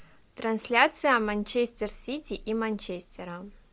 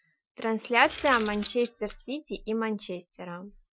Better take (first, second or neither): first